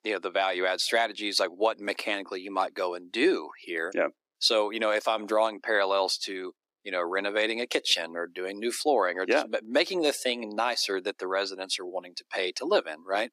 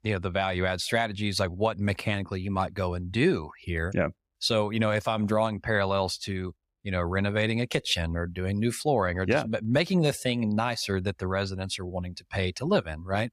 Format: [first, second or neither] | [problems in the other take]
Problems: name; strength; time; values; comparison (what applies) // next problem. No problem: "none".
second | thin; somewhat; fading below 300 Hz